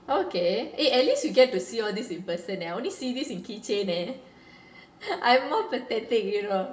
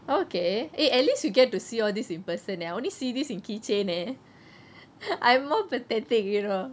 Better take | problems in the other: second | room echo; dies away in 0.7 s

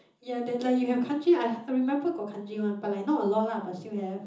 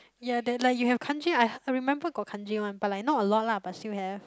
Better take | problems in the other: second | room echo; dies away in 0.6 s

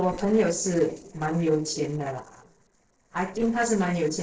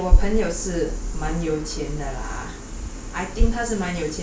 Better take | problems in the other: second | noise reduction (neural separator model SepFormer DNS4)

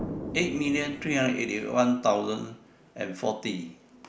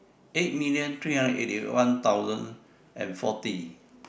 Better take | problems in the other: second | background sound (Explosion); 13 dB below the speech

